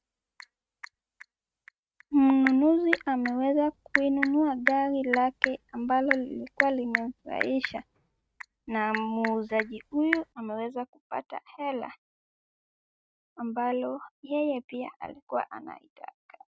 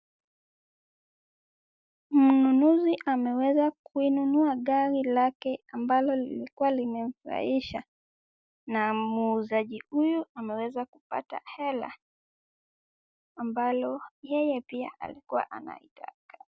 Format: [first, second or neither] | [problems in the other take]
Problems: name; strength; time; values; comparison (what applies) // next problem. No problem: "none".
second | noise reduction (neural mask model RNNoise)